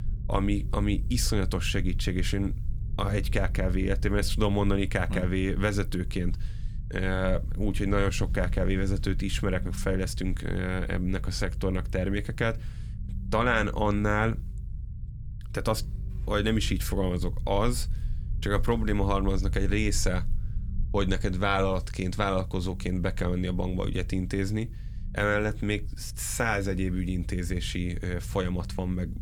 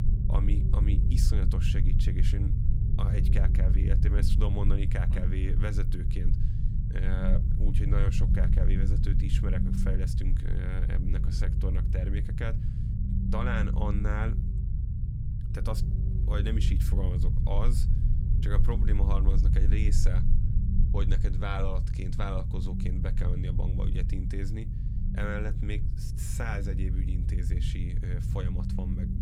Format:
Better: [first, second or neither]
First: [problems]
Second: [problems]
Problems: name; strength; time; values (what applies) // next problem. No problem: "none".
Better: first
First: low rumble; faint; throughout; 20 dB below the speech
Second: low rumble; loud; throughout; 4 dB below the speech